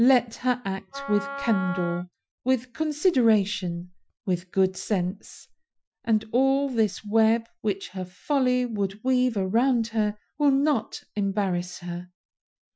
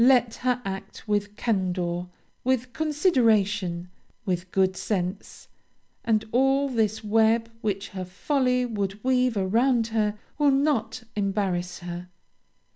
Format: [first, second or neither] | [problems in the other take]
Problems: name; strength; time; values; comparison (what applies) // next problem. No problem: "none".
second | noise reduction (classical method Wiener filter)